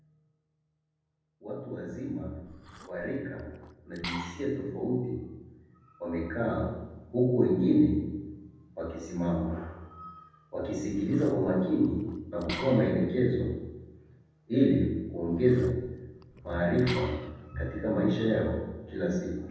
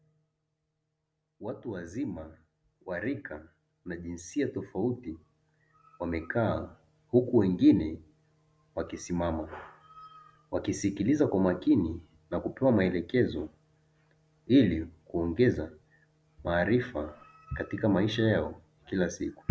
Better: second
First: background sound (Liquid); 15 dB below the speech // room echo; dies away in 1.1 s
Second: none

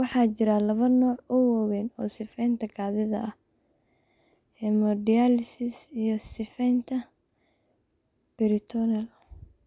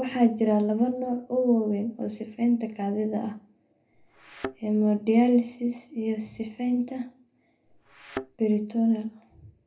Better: first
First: none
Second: background sound (Thump, thud); 13 dB below the speech // room echo; dies away in 0.3 s

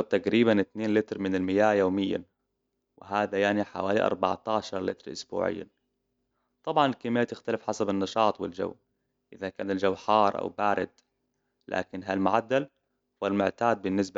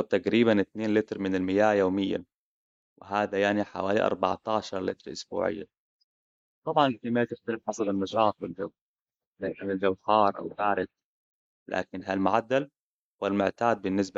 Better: first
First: none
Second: noise reduction (neural mask model Resemble Enhance denoiser)

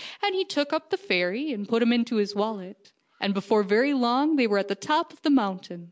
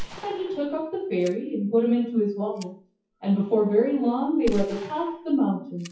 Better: first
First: none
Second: noise reduction (classical method WPE with log-MMSE)

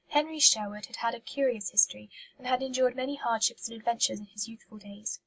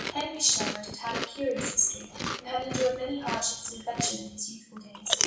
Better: first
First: none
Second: background sound (Chewing, mastication); 4 dB below the speech // room echo; dies away in 0.6 s

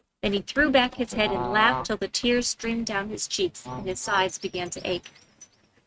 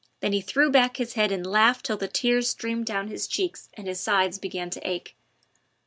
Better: second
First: noise reduction (neural mask model RNNoise)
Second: none

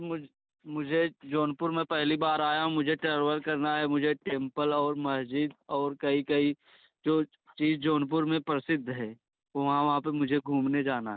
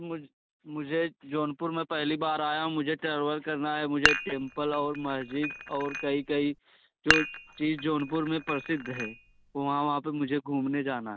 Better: first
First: none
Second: background sound (Dishes, pots, and pans); 2 dB below the speech

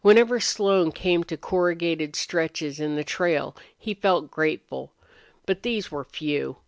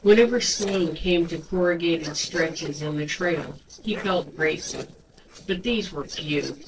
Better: first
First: none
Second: noise reduction (neural separator model SepFormer DNS4)

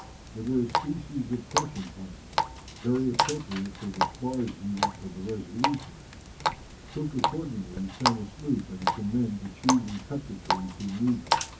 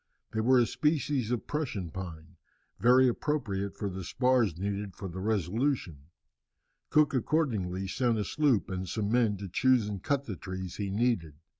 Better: second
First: background sound (Water tap, faucet); 1 dB below the speech // room echo; dies away in 0.3 s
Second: none

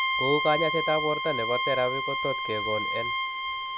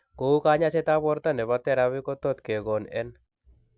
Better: second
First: background sound (Bowed string instrument); 1 dB above the speech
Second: none

